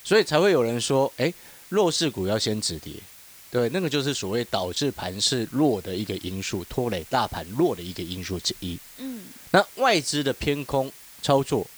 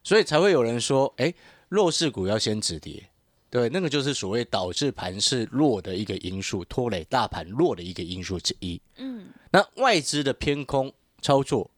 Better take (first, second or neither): second